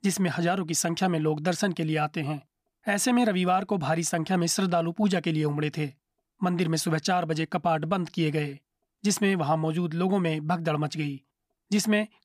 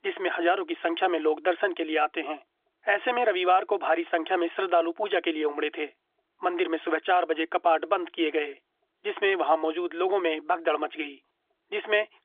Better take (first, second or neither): first